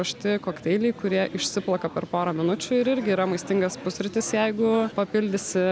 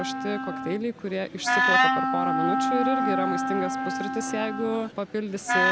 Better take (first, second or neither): first